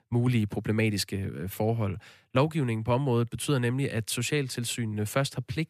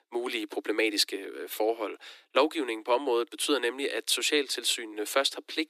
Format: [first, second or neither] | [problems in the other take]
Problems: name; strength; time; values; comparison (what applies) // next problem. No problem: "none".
first | thin; very; fading below 300 Hz